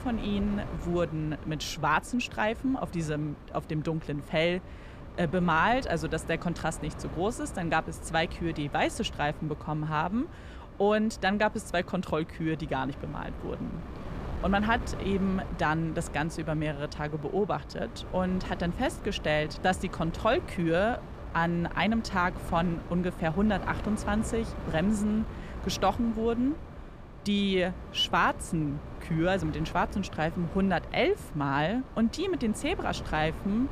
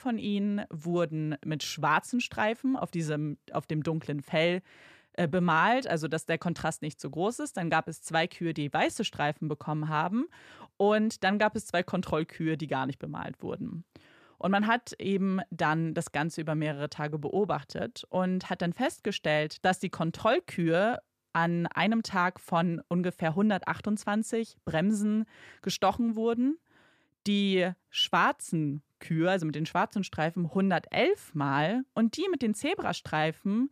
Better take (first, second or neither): second